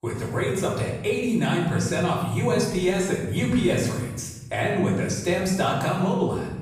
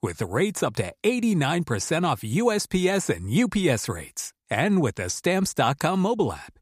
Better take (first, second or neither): second